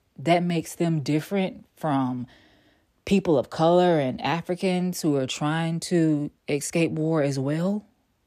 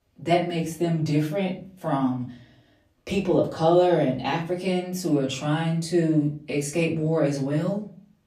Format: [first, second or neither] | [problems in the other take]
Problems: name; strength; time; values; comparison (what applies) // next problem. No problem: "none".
first | room echo; slight; dies away in 0.3 s // off-mic speech; far